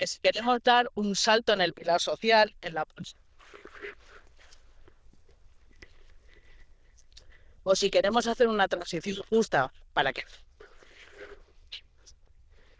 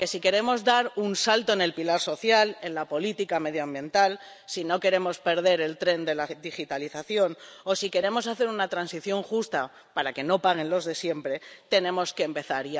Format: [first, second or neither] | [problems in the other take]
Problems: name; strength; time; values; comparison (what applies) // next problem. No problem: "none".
second | noise reduction (neural diffusion model UNIVERSE++)